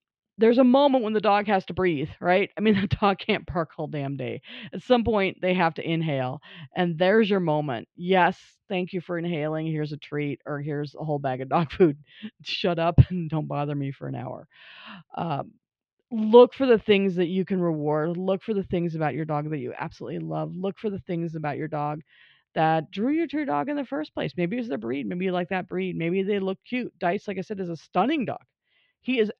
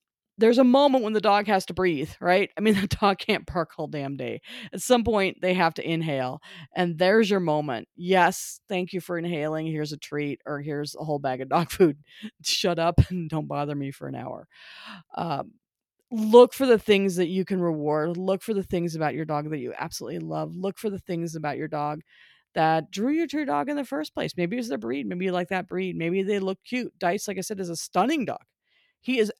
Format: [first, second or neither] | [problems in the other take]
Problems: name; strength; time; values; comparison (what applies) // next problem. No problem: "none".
second | muffled; slightly; fading above 3.5 kHz